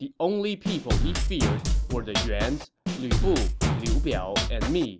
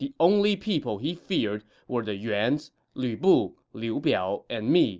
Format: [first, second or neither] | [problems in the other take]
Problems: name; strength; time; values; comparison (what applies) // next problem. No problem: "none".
second | background sound (Drum kit); 4 dB above the speech